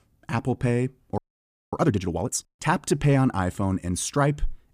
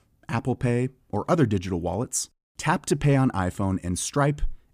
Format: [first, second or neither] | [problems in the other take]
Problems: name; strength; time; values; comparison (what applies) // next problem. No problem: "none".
second | audio freezing; at 1 s for 0.5 s